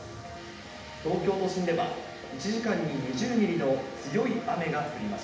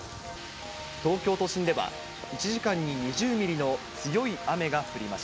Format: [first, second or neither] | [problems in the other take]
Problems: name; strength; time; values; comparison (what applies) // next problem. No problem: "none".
second | room echo; dies away in 0.8 s